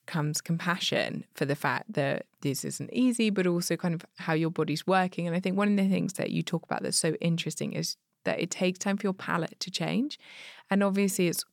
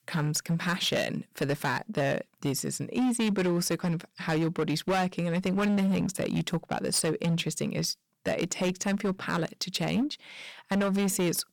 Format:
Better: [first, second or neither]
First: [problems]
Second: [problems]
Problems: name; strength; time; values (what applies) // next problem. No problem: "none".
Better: first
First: none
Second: distortion; slight; 13% of the sound clipped